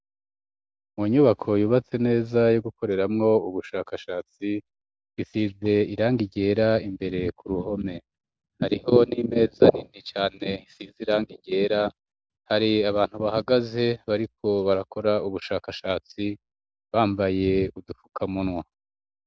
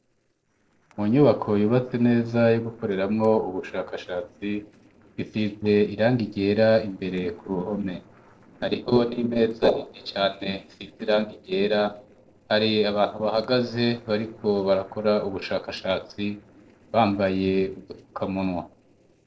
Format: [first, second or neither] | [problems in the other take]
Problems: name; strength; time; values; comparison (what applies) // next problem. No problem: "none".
first | noise reduction (neural separator model SepFormer DNS4)